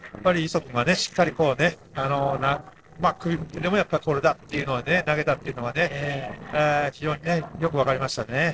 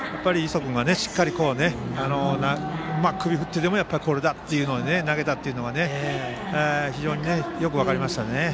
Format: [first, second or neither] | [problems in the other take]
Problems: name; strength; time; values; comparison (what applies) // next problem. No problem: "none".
second | noise reduction (neural separator model SepFormer DNS4)